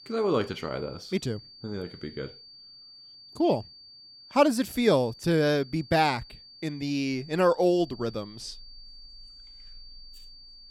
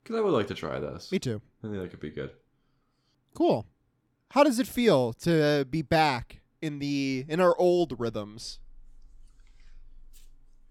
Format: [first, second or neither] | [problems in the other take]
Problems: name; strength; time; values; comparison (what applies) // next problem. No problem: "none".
second | high-pitched whine; faint; throughout; 4.5 kHz, 20 dB below the speech